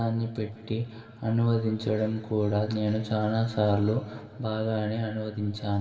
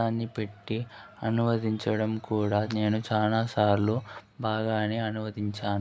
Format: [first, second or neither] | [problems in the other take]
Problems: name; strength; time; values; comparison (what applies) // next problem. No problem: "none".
second | room echo; dies away in 1.8 s